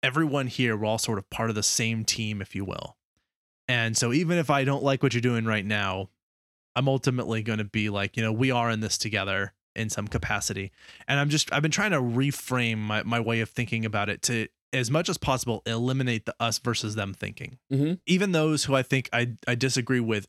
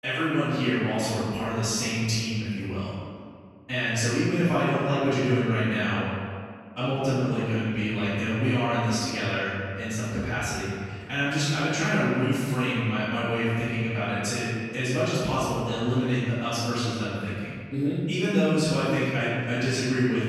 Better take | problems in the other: first | off-mic speech; far // room echo; strong; dies away in 1.9 s

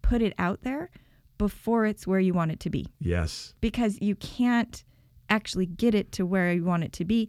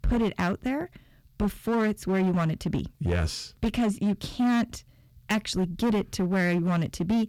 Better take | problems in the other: first | distortion; slight; 13% of the sound clipped

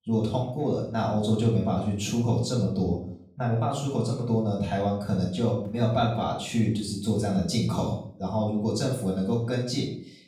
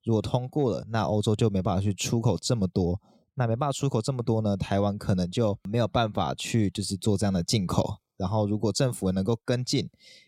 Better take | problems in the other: second | off-mic speech; far // room echo; noticeable; dies away in 0.5 s

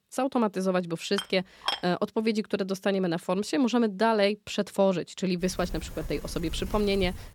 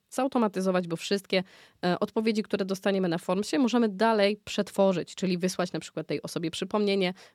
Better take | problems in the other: second | clattering dishes; noticeable; at 1 s; peak 3 dB below the speech // door banging; faint; from 5.5 s on; peak 10 dB below the speech

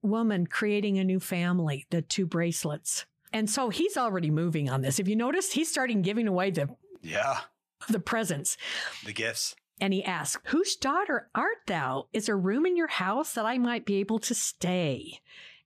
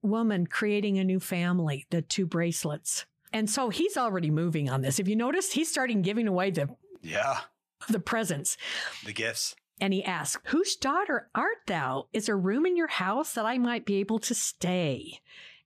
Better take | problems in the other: neither | none

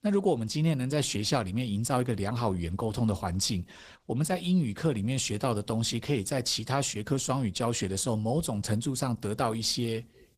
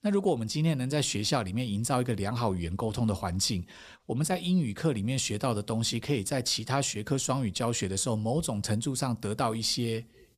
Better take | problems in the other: second | garbled, watery; slightly

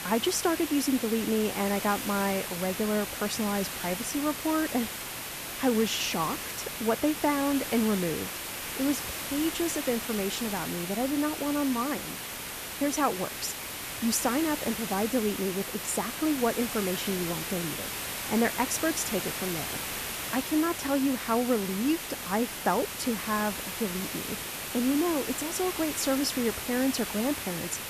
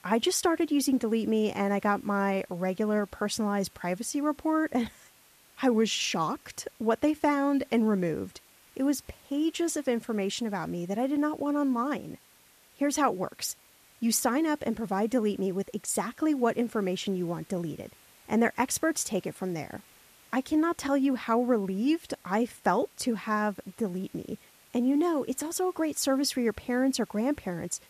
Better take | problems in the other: second | hiss; loud; throughout; 4 dB below the speech; faint in the second

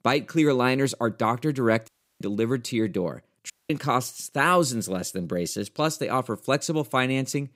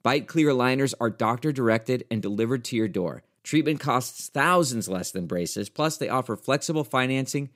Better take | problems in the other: second | audio cutting out; at 2 s and at 3.5 s

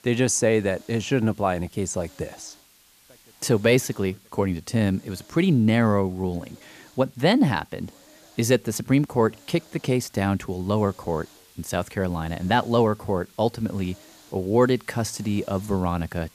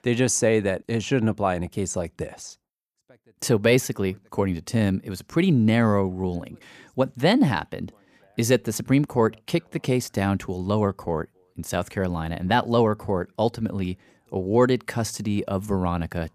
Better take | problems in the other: second | hiss; faint; throughout; 25 dB below the speech

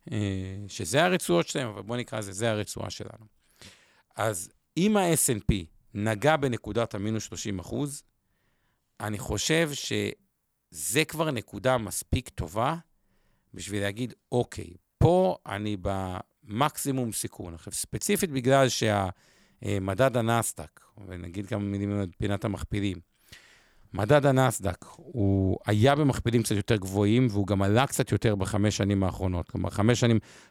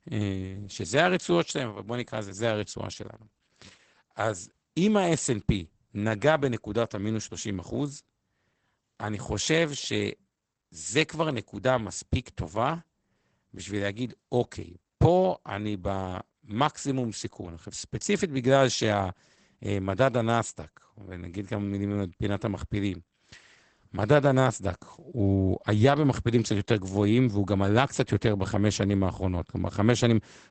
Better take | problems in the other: first | garbled, watery; badly; nothing above 8 kHz

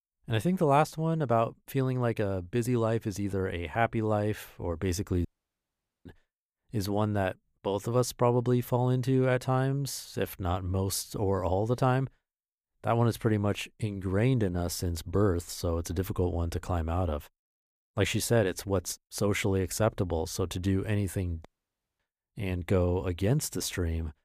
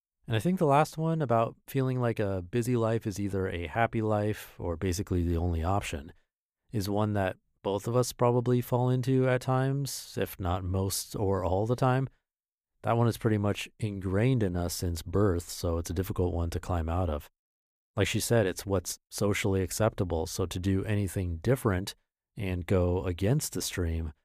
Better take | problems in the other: second | audio cutting out; at 5.5 s for 1 s and at 21 s for 0.5 s

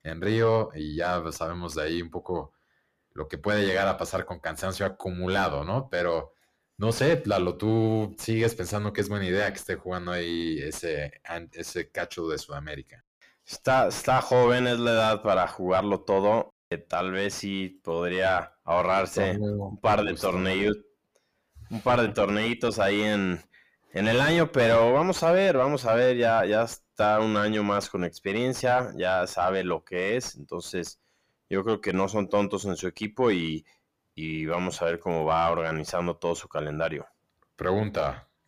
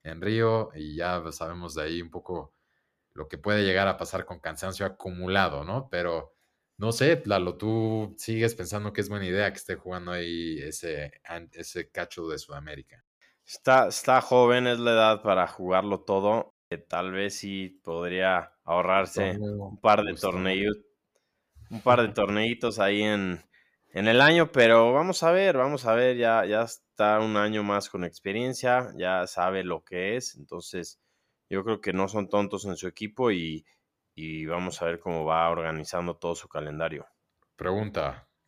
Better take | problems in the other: second | distortion; heavy; 8 dB below the speech

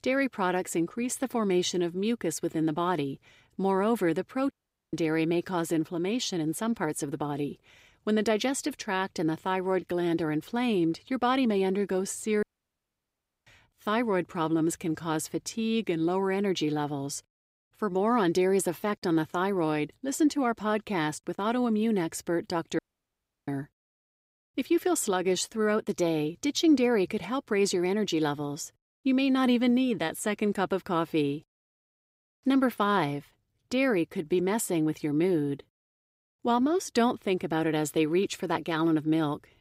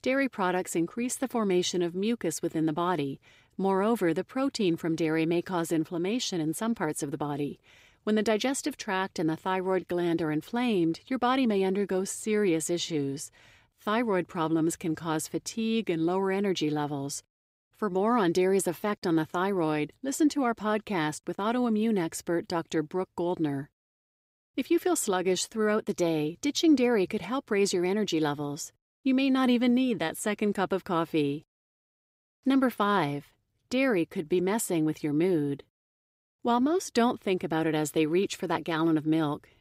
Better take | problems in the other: second | audio cutting out; at 4.5 s, at 12 s for 1 s and at 23 s for 0.5 s

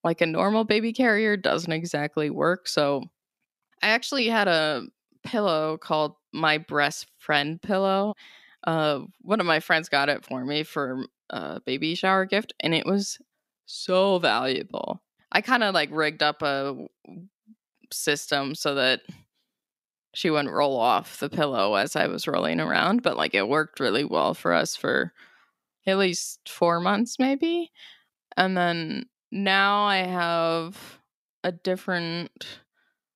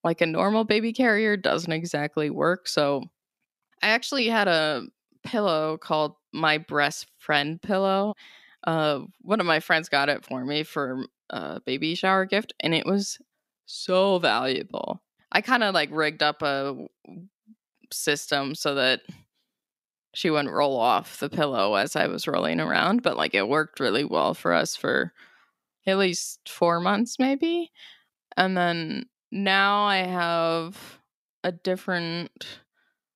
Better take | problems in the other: neither | none

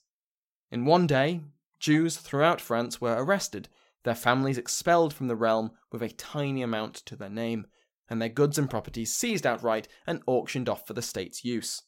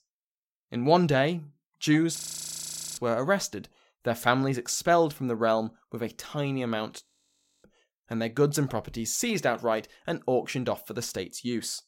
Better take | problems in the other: first | audio freezing; at 2 s for 1 s and at 7 s for 0.5 s

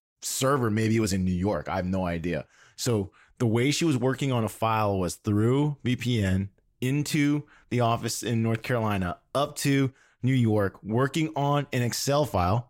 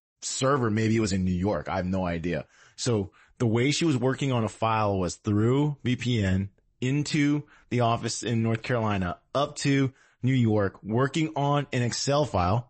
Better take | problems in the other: first | garbled, watery; slightly; nothing above 8 kHz

